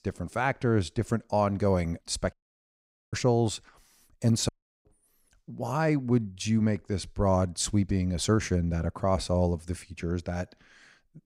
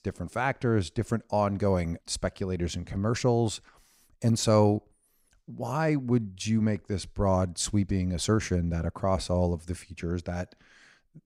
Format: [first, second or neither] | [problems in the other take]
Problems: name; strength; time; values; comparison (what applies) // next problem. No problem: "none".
second | audio cutting out; at 2.5 s for 1 s and at 4.5 s